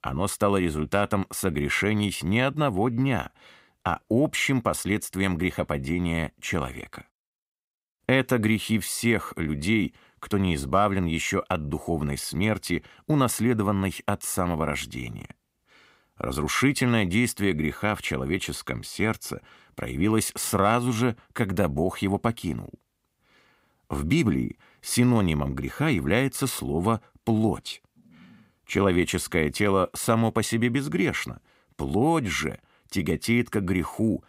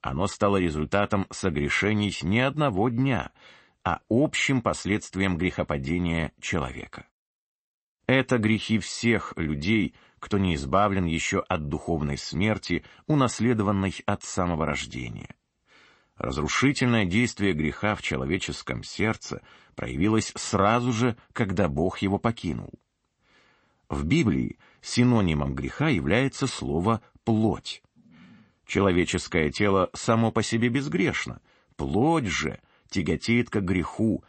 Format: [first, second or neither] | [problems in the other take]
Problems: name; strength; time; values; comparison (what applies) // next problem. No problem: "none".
first | garbled, watery; slightly; nothing above 8 kHz